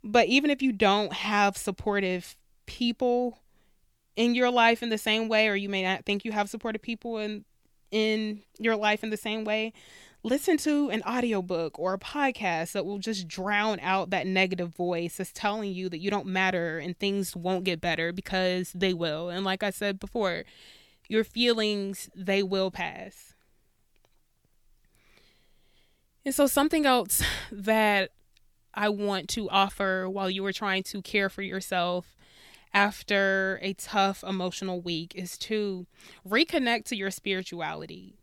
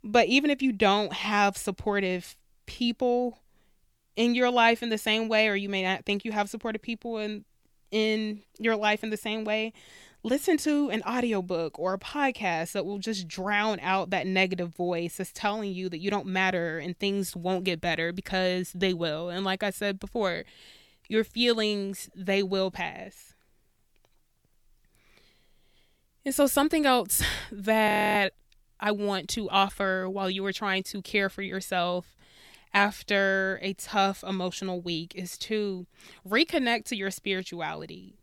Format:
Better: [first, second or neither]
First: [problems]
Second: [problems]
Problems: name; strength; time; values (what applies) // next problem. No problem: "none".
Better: first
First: none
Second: audio freezing; at 28 s